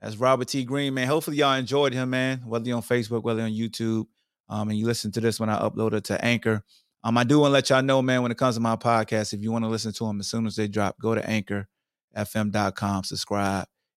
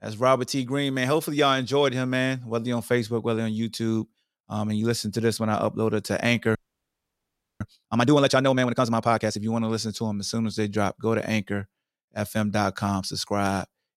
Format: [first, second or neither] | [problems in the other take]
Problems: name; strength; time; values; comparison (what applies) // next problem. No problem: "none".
first | audio freezing; at 6.5 s for 1 s